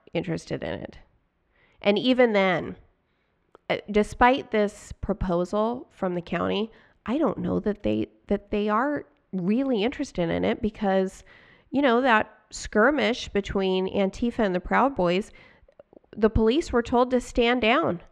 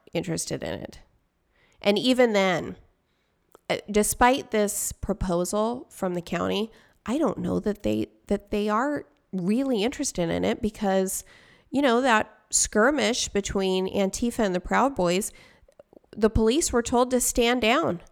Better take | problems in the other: second | muffled; slightly; fading above 2.5 kHz

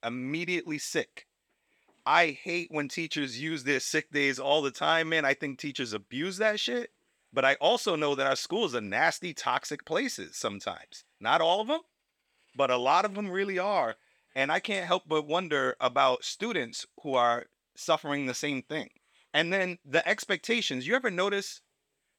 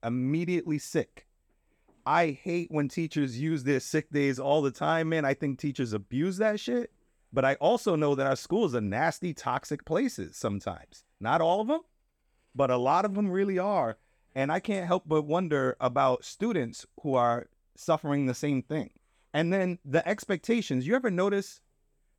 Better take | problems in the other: second | thin; very slightly; fading below 1 kHz

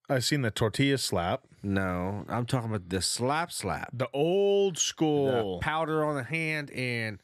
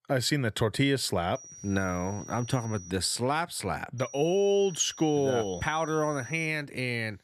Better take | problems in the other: first | high-pitched whine; noticeable; from 1.5 to 3 s and from 4 to 6.5 s; 6 kHz, 15 dB below the speech

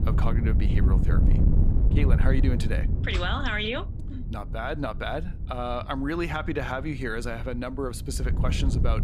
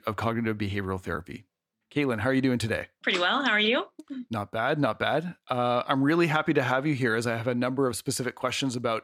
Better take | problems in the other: second | wind noise on the microphone; heavy; 8 dB below the speech

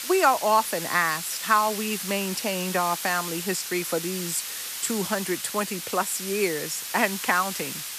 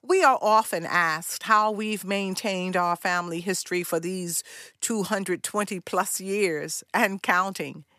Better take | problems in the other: second | hiss; loud; throughout; 5 dB below the speech

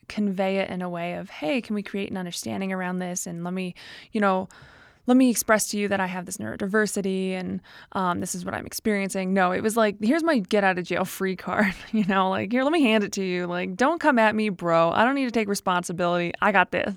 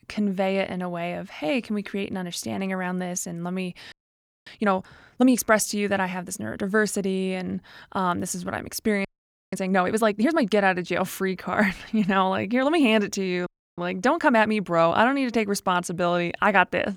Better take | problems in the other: first | audio freezing; at 4 s for 0.5 s, at 9 s and at 13 s

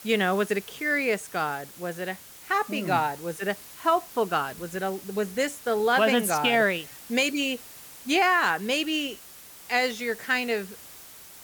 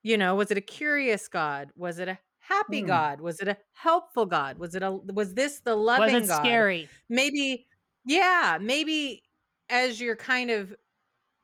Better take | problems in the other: second | hiss; noticeable; throughout; 15 dB below the speech

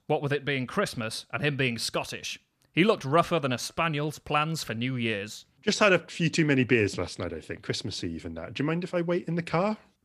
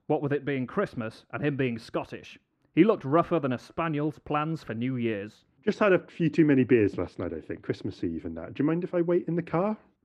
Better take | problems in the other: first | muffled; very; fading above 3 kHz

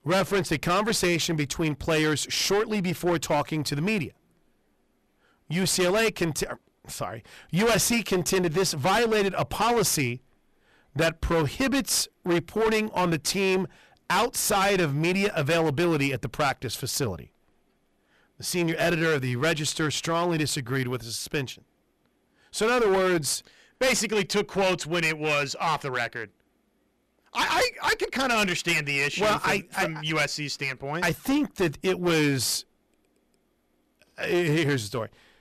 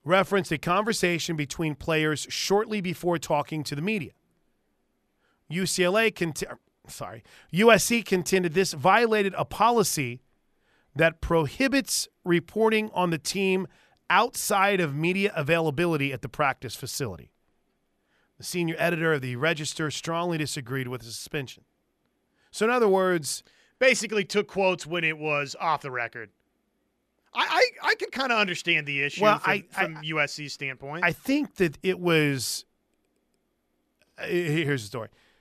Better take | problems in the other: second | distortion; heavy; 14% of the sound clipped

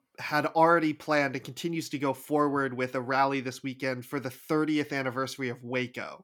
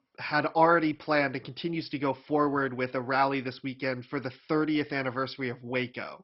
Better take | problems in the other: first | garbled, watery; badly; nothing above 5.5 kHz

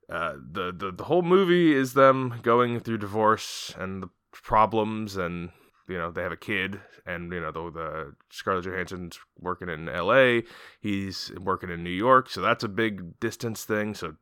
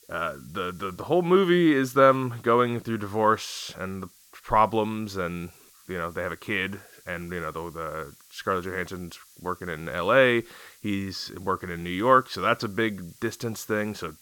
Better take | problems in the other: first | hiss; faint; throughout; 25 dB below the speech

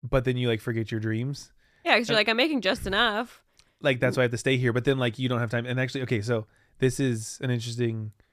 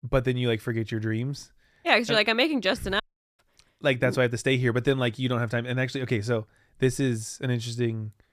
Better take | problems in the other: first | audio cutting out; at 3 s

